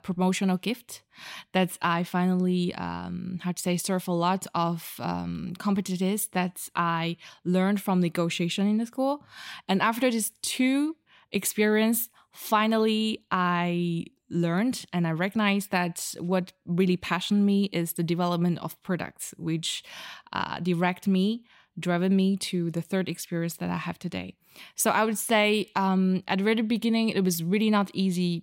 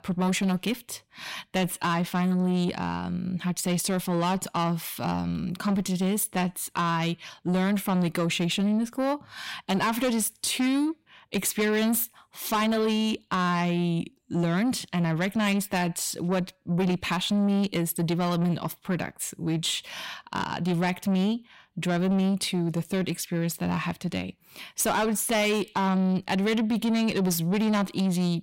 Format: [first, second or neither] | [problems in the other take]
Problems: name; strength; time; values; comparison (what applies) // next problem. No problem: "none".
first | distortion; slight; 10 dB below the speech